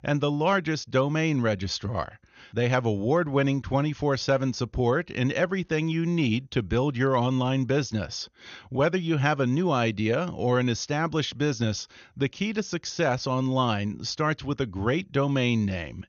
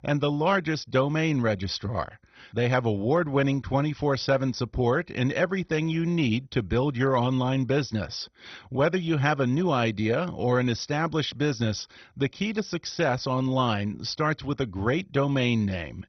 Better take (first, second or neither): first